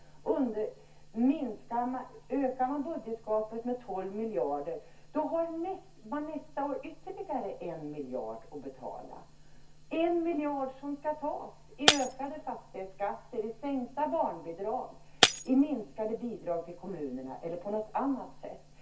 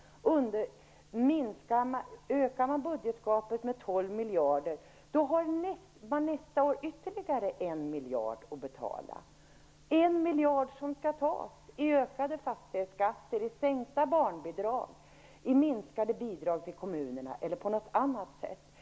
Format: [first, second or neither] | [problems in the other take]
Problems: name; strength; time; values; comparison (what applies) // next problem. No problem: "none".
second | background sound (Shatter); 1 dB below the speech // room echo; dies away in 0.3 s